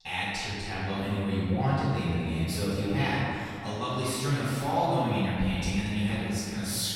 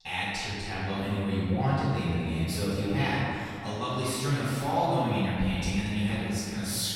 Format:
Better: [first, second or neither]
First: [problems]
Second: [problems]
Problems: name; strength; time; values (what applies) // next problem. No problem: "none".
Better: neither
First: room echo; strong; dies away in 2.3 s // off-mic speech; far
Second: room echo; strong; dies away in 2.3 s // off-mic speech; far